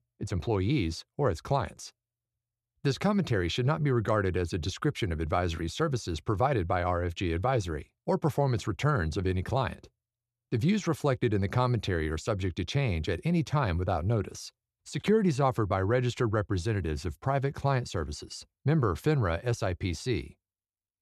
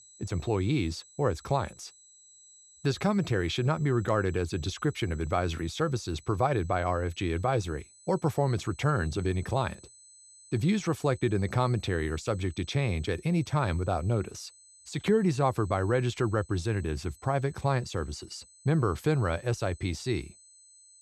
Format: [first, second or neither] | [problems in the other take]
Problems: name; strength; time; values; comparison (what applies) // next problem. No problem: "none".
first | high-pitched whine; faint; throughout; 8 kHz, 25 dB below the speech